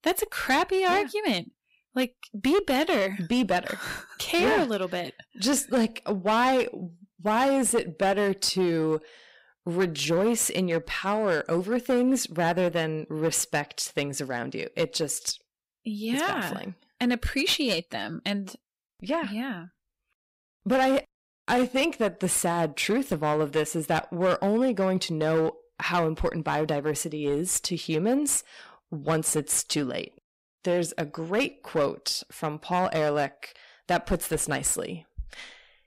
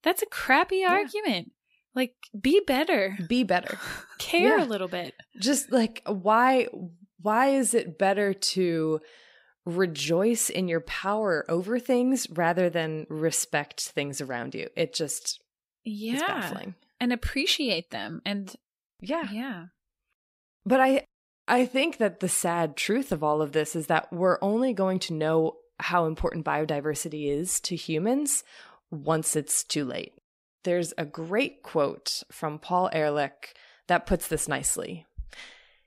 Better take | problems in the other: second | distortion; slight; 7% of the sound clipped

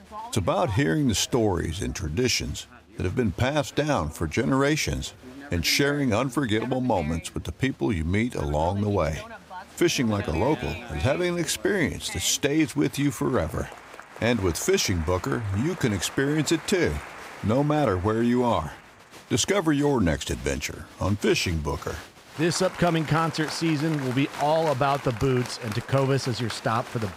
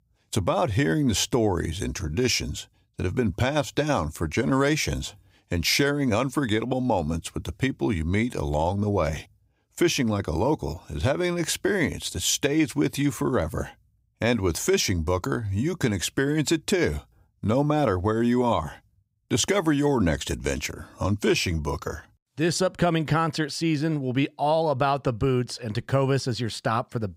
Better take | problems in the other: second | crowd noise; noticeable; throughout; 15 dB below the speech

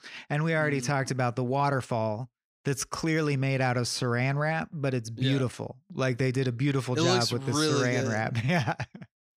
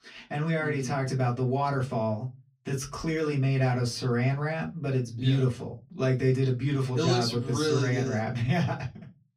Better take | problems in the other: first | off-mic speech; far // room echo; very slight; dies away in 0.2 s

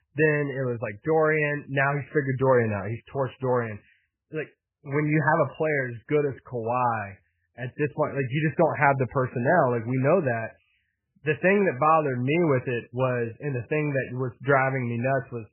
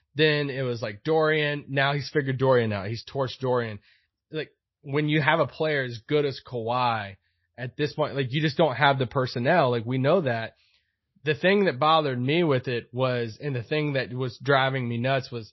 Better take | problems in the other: second | garbled, watery; badly; nothing above 2.5 kHz; slightly in the second

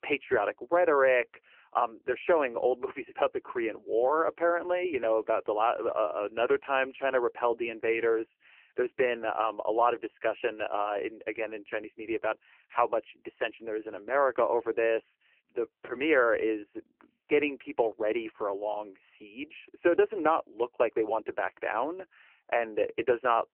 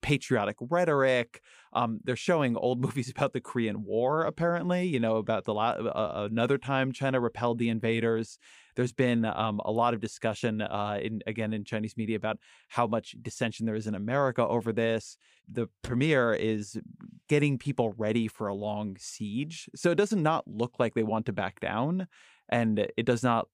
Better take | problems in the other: second | phone-call audio; poor line; nothing above 3 kHz

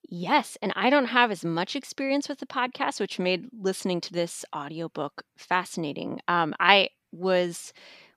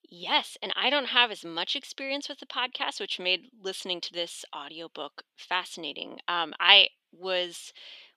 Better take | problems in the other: first | thin; very slightly; fading below 350 Hz

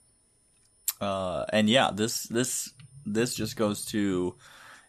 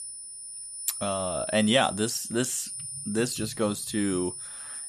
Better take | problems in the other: first | high-pitched whine; loud; throughout; 9.5 kHz, 7 dB below the speech; faint in the first

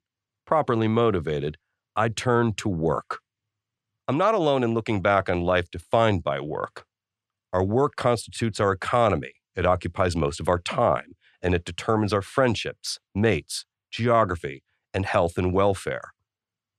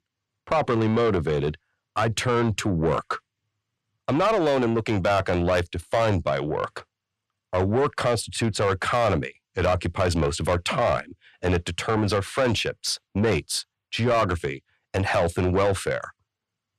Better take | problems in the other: first | distortion; heavy; 8 dB below the speech

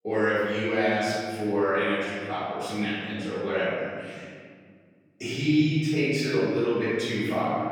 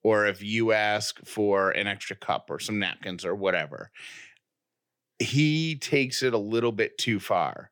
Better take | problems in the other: second | room echo; strong; dies away in 2.2 s // off-mic speech; far

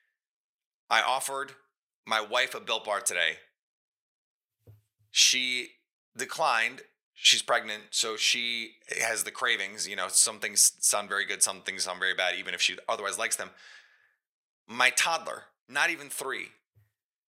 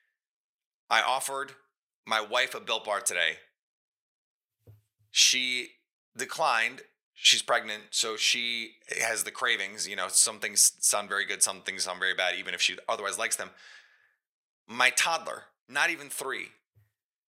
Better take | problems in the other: neither | thin; very; fading below 700 Hz; the same in both

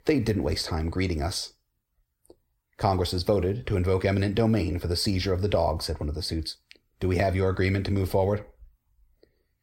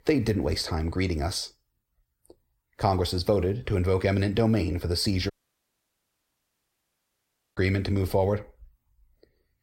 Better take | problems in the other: first | audio cutting out; at 5.5 s for 2.5 s

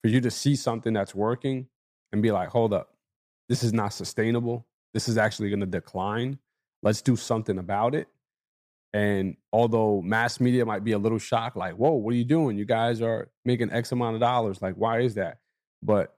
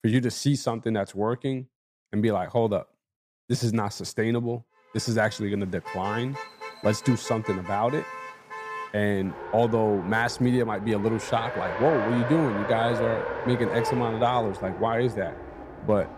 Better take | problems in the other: first | traffic noise; loud; from 5.5 s on; 7 dB below the speech

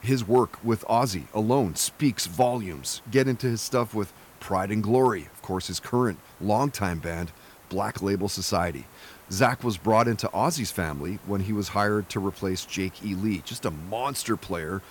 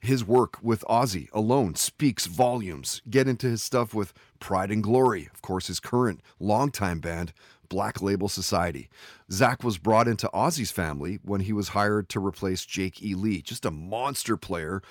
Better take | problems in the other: second | hiss; faint; throughout; 25 dB below the speech

